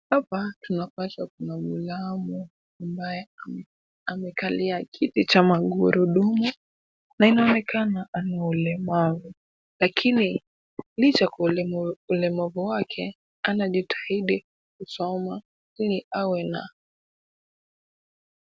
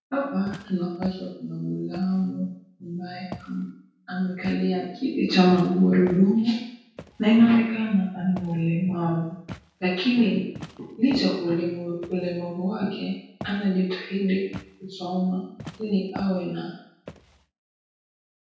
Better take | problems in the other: first | background sound (Walk, footsteps); 19 dB below the speech // room echo; dies away in 0.6 s

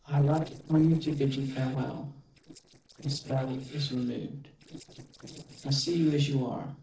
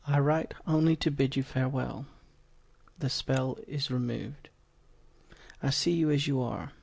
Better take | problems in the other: second | noise reduction (neural separator model SepFormer DNS4)

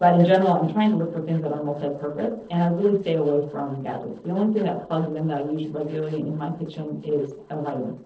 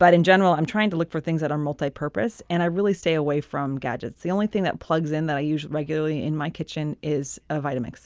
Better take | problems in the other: second | noise reduction (neural separator model SepFormer DNS4)

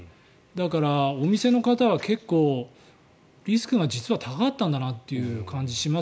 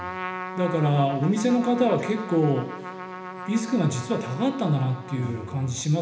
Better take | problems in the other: first | background sound (Trumpet); 12 dB below the speech // room echo; dies away in 1 s

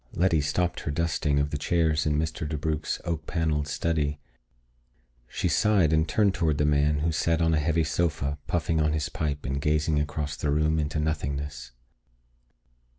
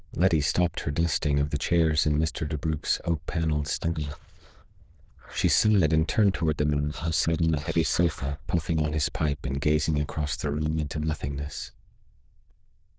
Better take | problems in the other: first | noise reduction (neural diffusion model UNIVERSE++)

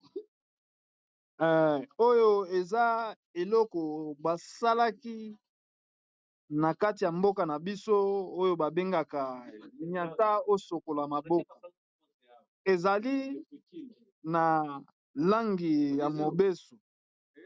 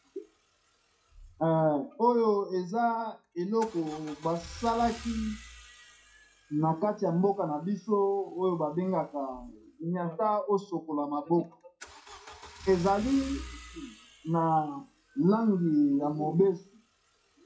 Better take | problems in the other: first | noise reduction (classical method WPE with log-MMSE)

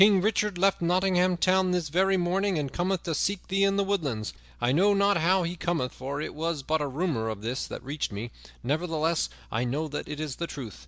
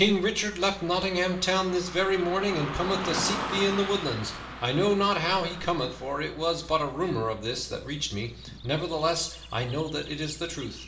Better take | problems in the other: first | background sound (Car passing by / Traffic noise, roadway noise); 11 dB below the speech // room echo; dies away in 0.8 s

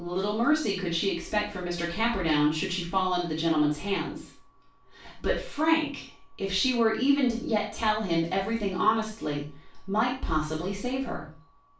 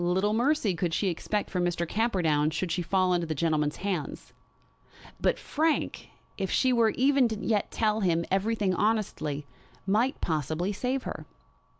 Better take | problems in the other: second | room echo; dies away in 0.3 s

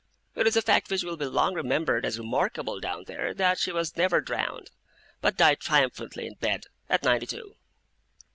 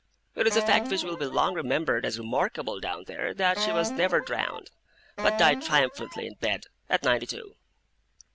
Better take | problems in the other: first | background sound (Wind instrument, woodwind instrument); 7 dB below the speech

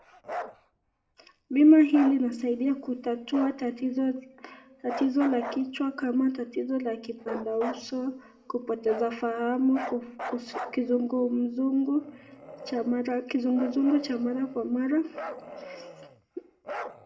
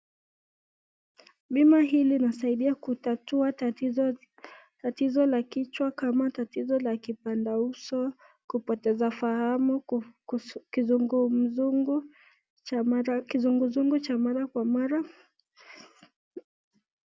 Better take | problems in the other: second | background sound (Bark); 14 dB below the speech // room echo; dies away in 1 s

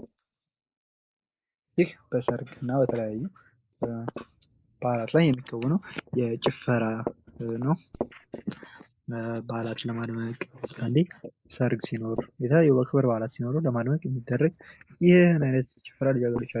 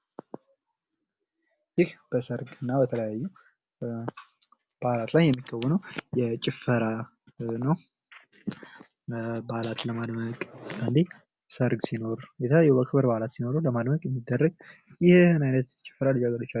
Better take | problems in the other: second | noise reduction (neural mask model Resemble Enhance denoiser)

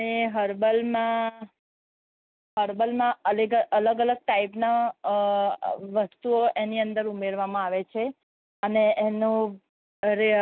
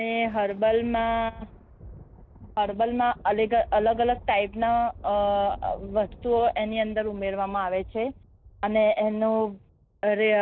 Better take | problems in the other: first | background sound (Thunder); 19 dB below the speech

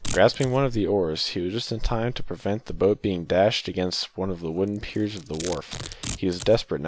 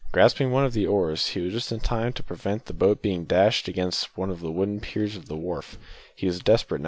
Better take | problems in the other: second | background sound (Domestic sounds, home sounds); 17 dB below the speech

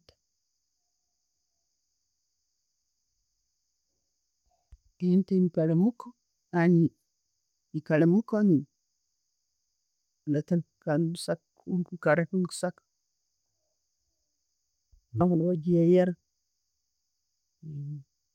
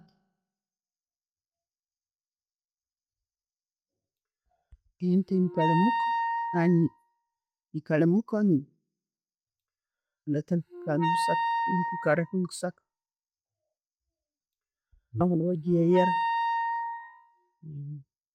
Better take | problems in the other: first | noise reduction (classical method log-MMSE)

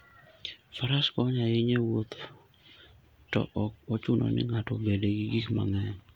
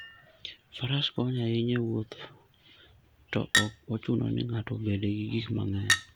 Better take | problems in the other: first | background sound (Chink, clink); 5 dB below the speech

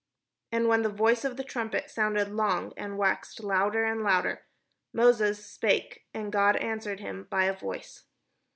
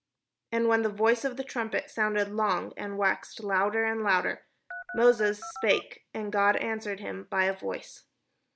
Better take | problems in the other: first | background sound (Telephone); 11 dB below the speech

